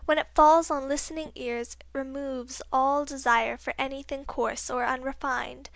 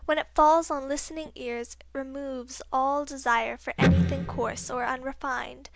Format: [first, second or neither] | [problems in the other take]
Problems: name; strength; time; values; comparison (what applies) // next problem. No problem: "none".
first | background sound (Electric guitar); 3 dB above the speech